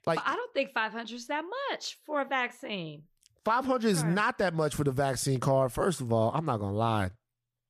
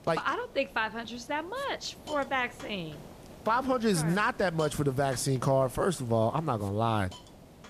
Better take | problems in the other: first | hiss; noticeable; throughout; 20 dB below the speech

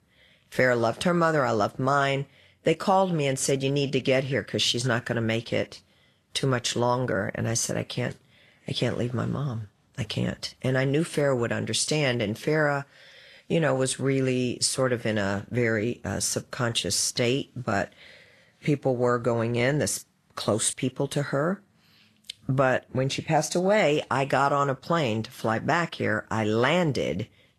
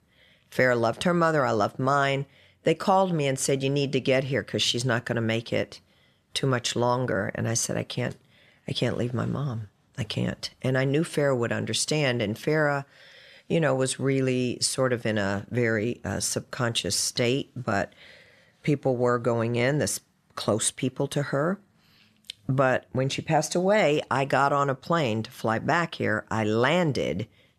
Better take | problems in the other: second | garbled, watery; slightly

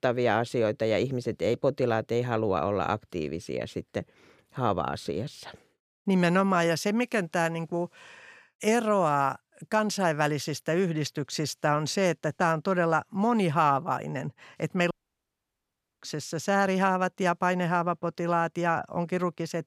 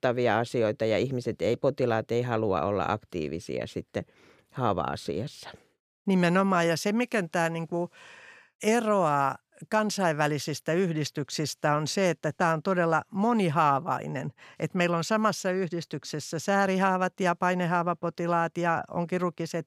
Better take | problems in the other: second | audio cutting out; at 15 s for 1 s

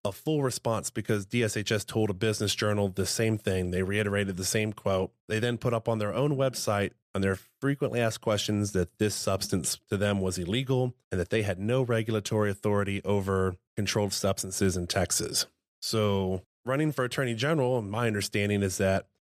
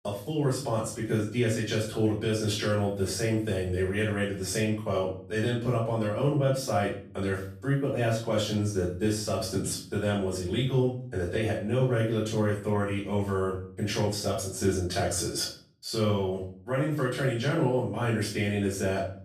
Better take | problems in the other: first | off-mic speech; far // room echo; noticeable; dies away in 0.4 s

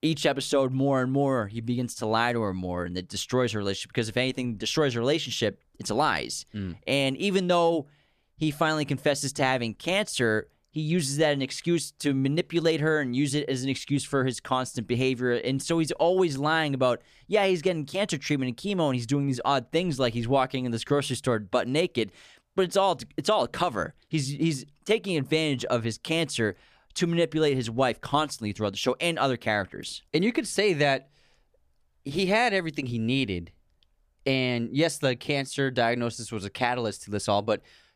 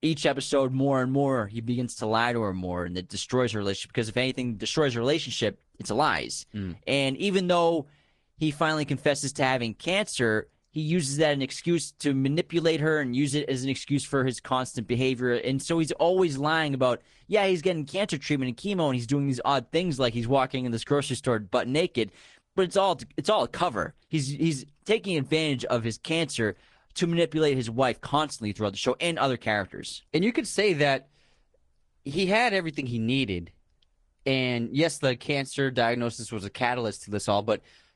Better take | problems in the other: first | garbled, watery; slightly; nothing above 10 kHz

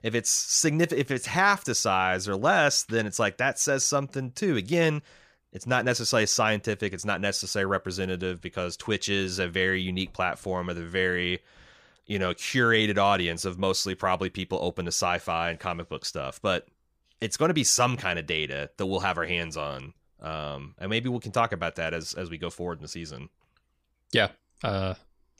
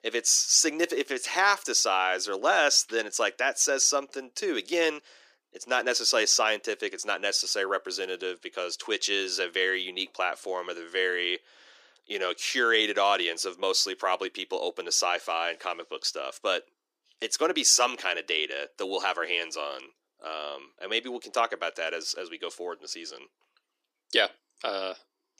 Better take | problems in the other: first | thin; somewhat; fading below 300 Hz

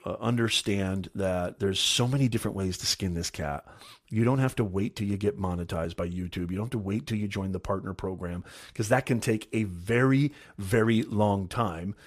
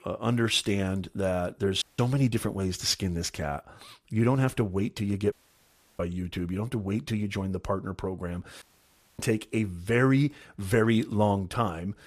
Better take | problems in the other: first | audio cutting out; at 2 s, at 5.5 s for 0.5 s and at 8.5 s for 0.5 s

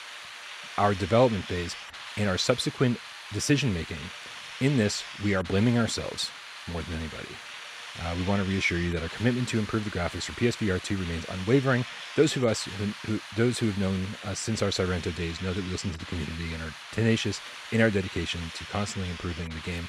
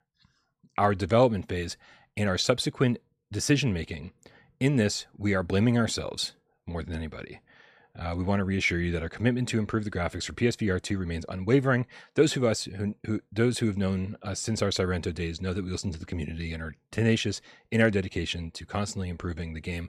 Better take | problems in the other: second | hiss; noticeable; throughout; 10 dB below the speech

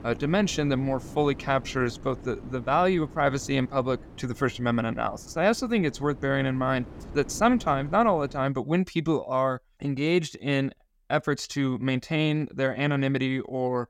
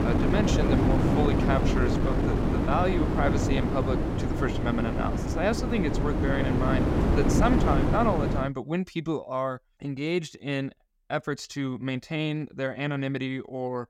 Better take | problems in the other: first | wind noise on the microphone; heavy; until 8.5 s; as loud as the speech; occasional gusts in the first

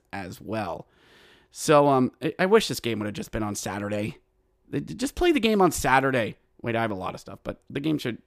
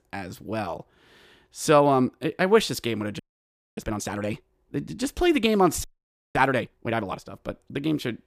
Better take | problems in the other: first | audio freezing; at 3 s for 0.5 s and at 6 s for 0.5 s

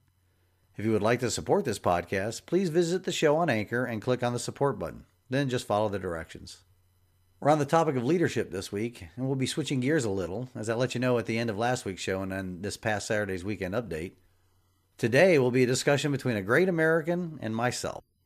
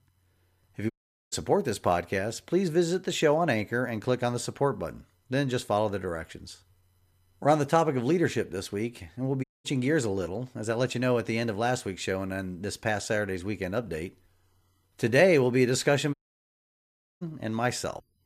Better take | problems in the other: first | audio cutting out; at 1 s, at 9.5 s and at 16 s for 1 s

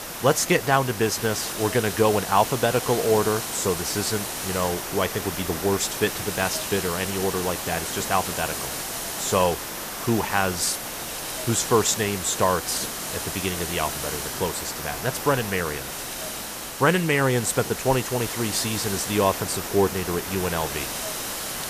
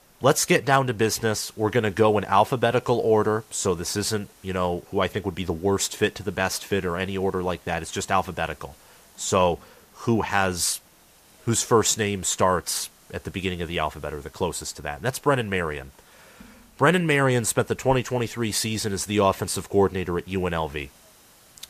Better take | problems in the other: second | hiss; loud; throughout; 5 dB below the speech; faint in the second

